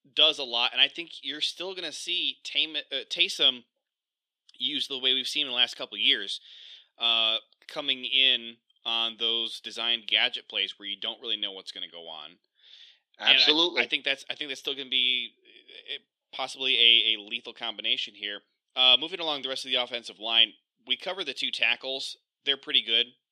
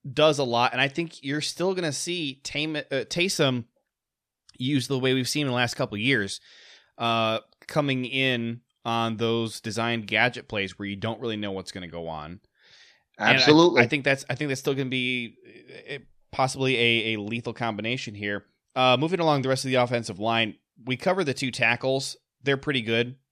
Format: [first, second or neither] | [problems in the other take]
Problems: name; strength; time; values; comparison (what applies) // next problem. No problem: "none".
second | thin; very slightly; fading below 300 Hz